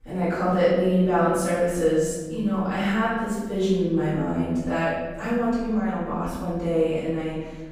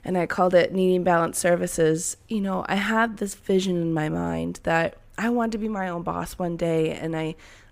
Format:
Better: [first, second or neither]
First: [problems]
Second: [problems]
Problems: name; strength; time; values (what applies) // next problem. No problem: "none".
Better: second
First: off-mic speech; far // room echo; strong; dies away in 1.5 s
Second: none